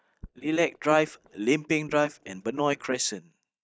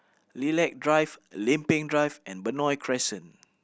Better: second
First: noise reduction (neural mask model DeepFilterNet 3)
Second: none

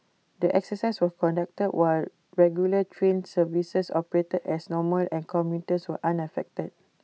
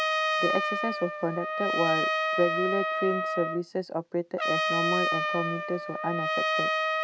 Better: first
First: none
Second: background sound (Trumpet); 3 dB above the speech

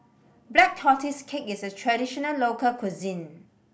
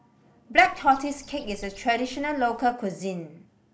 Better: first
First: none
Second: background sound (Bird); 20 dB below the speech

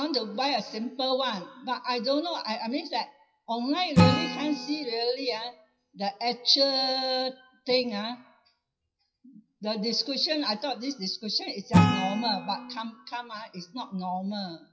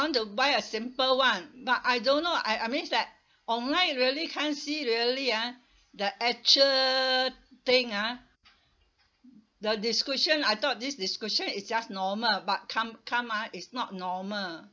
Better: second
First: noise reduction (classical method WPE with log-MMSE)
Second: none

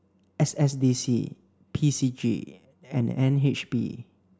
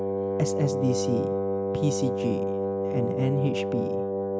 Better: first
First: none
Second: background sound (Wind instrument, woodwind instrument); 2 dB above the speech

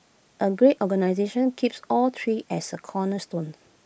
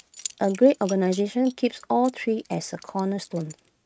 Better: first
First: none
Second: noise reduction (neural mask model RNNoise)

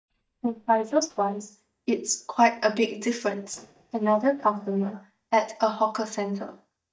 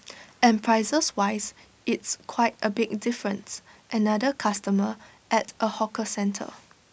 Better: second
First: noise reduction (neural mask model DeepFilterNet 3)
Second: none

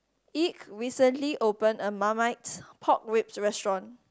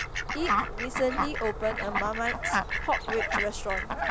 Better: first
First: none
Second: background sound (Fowl); 2 dB above the speech

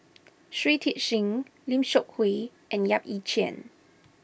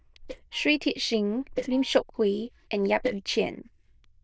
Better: first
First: none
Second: noise reduction (neural diffusion model UNIVERSE++)

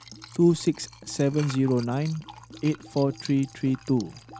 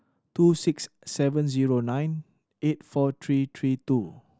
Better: second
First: background sound (Liquid); 18 dB below the speech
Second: none

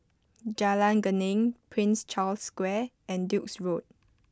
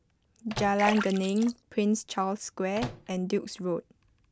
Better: first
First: none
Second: background sound (Microwave oven + Splash, splatter); 10 dB below the speech

